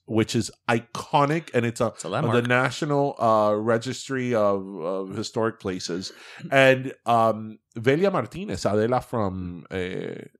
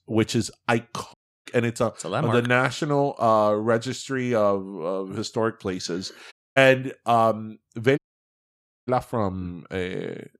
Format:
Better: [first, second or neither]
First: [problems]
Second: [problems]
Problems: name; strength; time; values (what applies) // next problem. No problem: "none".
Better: first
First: none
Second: audio cutting out; at 1 s, at 6.5 s and at 8 s for 1 s